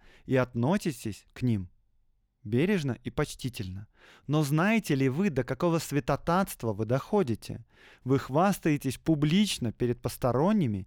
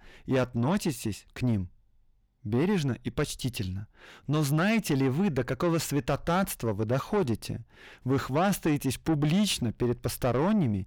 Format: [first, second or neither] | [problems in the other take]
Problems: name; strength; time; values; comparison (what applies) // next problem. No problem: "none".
first | distortion; slight; 10 dB below the speech